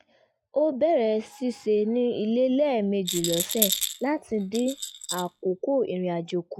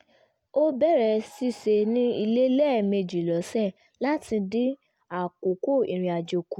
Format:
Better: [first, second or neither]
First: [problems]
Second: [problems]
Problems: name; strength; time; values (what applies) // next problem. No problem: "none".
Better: second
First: noise reduction (classical method log-MMSE)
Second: none